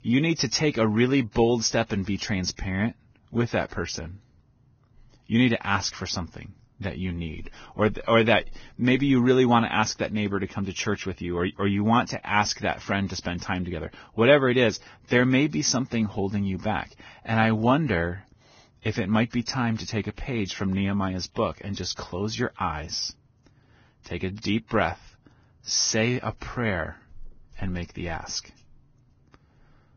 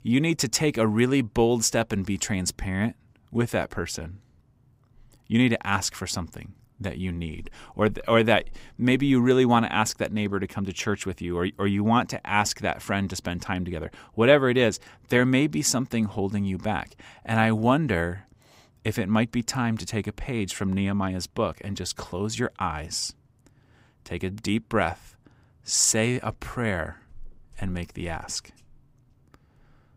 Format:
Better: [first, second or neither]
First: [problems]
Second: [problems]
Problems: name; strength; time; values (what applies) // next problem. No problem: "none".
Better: second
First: garbled, watery; badly; nothing above 6.5 kHz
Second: none